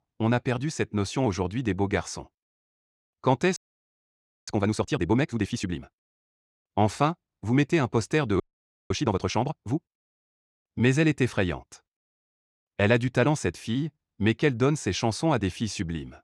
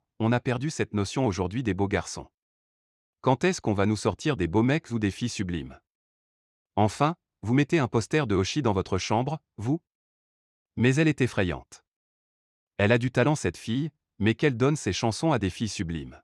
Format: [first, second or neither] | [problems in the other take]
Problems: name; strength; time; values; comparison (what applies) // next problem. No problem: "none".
second | audio freezing; at 3.5 s for 1 s and at 8.5 s for 0.5 s